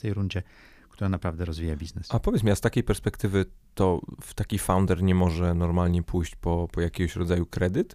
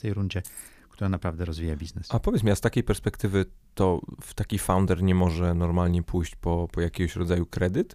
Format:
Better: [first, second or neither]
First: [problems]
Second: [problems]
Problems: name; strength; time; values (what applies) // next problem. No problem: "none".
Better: first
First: none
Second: jangling keys; faint; at 0.5 s; peak 15 dB below the speech